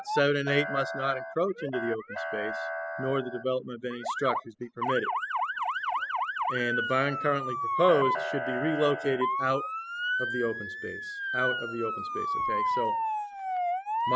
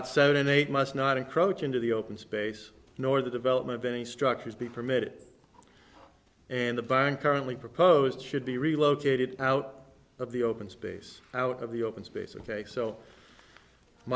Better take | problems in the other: second | noise reduction (classical method spectral subtraction)

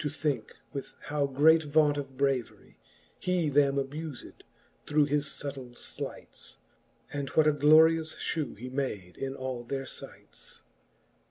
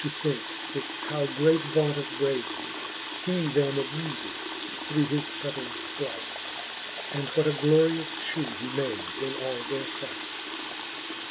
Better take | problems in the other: first | background sound (Water tap, faucet); 6 dB below the speech

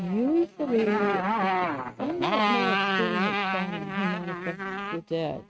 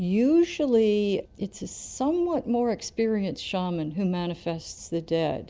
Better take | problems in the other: second | noise reduction (neural mask model RNNoise)

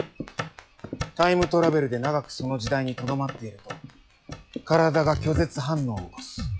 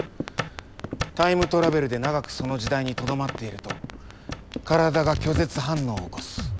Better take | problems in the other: second | noise reduction (classical method log-MMSE)

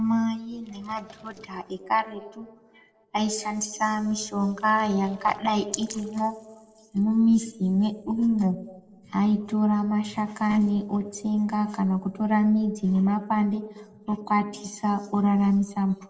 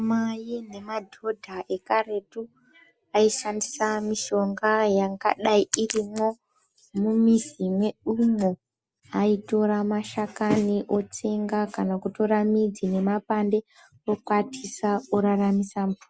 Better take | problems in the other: second | noise reduction (neural separator model SepFormer DNS4)

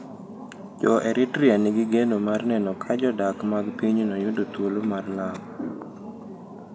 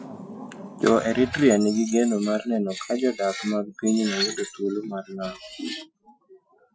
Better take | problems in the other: first | noise reduction (classical method Wiener filter)

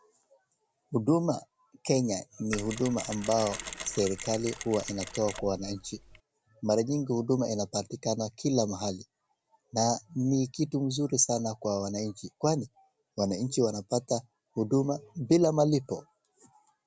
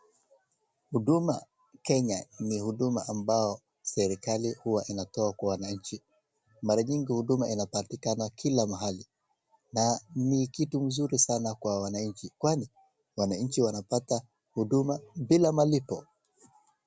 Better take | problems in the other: second | background sound (Mechanisms); 11 dB below the speech

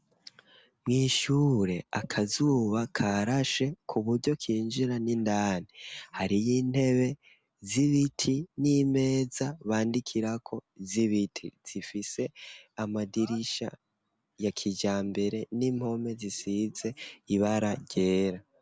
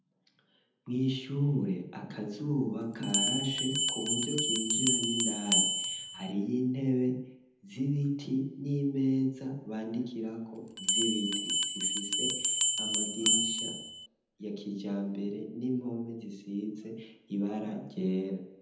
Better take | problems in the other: first | background sound (Bell); 4 dB above the speech // room echo; dies away in 0.8 s

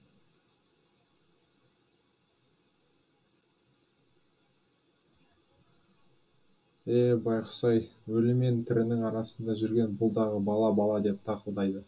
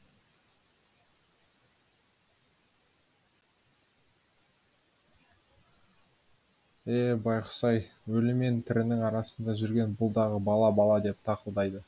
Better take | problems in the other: second | room echo; dies away in 0.2 s

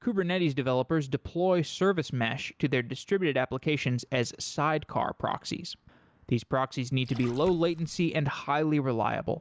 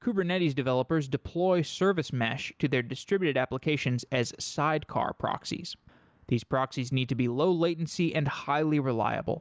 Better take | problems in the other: second | background sound (Splash, splatter); 19 dB below the speech

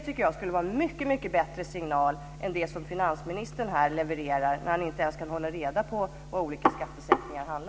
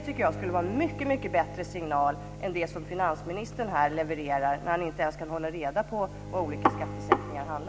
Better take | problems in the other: first | background sound (Bowed string instrument); 12 dB below the speech

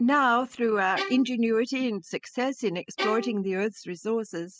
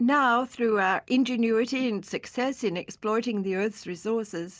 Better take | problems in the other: second | noise reduction (classical method spectral subtraction)

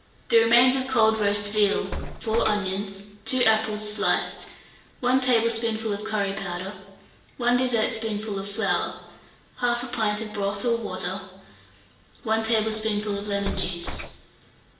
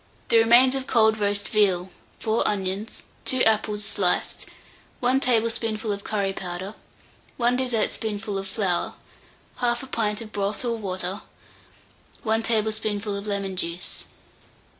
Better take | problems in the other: second | background sound (Bus); 9 dB below the speech // room echo; dies away in 0.9 s

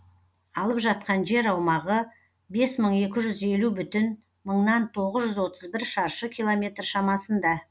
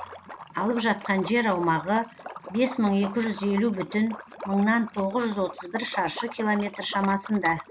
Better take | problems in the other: first | background sound (Liquid); 14 dB below the speech

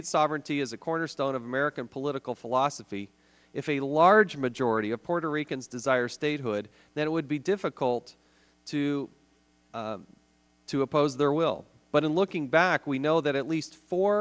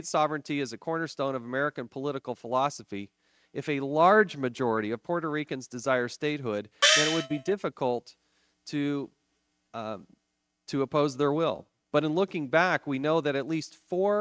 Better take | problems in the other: first | noise reduction (neural mask model RNNoise)

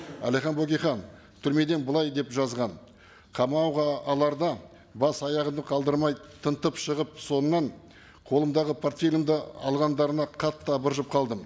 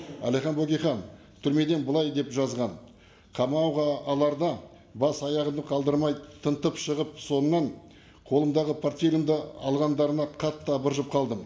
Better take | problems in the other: first | room echo; dies away in 0.6 s

